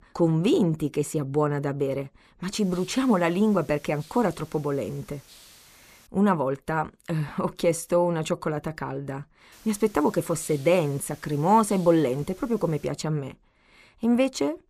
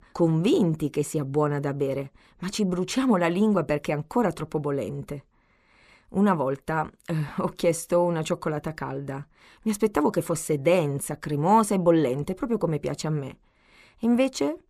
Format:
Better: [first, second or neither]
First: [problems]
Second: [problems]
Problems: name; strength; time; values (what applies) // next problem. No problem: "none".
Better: second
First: hiss; faint; from 2.5 to 6 s and from 9.5 to 13 s; 25 dB below the speech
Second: none